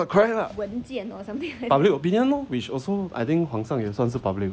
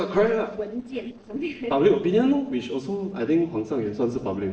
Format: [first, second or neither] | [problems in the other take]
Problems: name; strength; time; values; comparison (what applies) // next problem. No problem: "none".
first | noise reduction (neural separator model SepFormer DNS4)